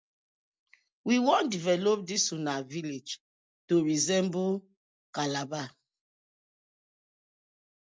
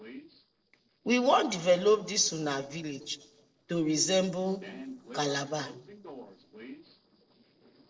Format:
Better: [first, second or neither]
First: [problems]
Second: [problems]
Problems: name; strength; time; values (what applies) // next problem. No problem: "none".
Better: first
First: none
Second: noise reduction (neural separator model SepFormer DNS4)